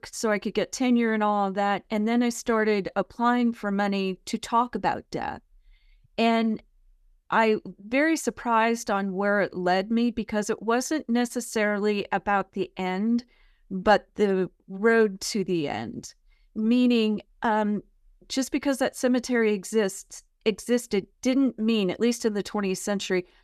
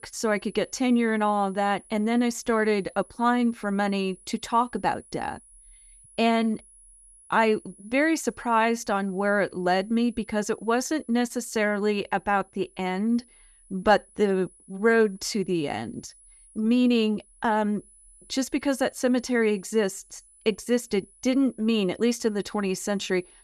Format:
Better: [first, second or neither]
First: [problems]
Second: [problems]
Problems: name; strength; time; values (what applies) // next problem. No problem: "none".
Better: first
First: none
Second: high-pitched whine; faint; throughout; 10.5 kHz, 25 dB below the speech